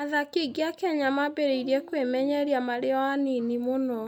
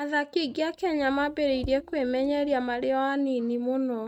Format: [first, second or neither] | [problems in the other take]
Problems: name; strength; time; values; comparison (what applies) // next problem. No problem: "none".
first | noise reduction (neural mask model RNNoise)